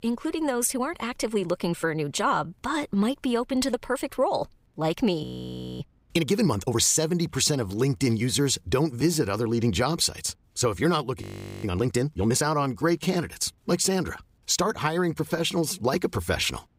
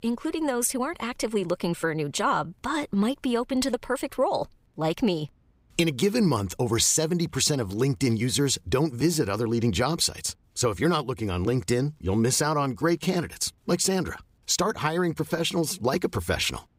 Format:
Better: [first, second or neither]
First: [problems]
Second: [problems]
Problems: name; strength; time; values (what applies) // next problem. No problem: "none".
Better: second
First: audio freezing; at 5 s for 0.5 s and at 11 s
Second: none